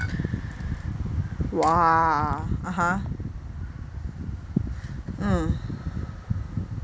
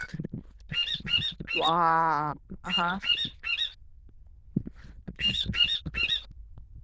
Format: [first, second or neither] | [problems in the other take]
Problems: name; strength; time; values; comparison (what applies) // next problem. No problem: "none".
first | noise reduction (neural diffusion model UNIVERSE++)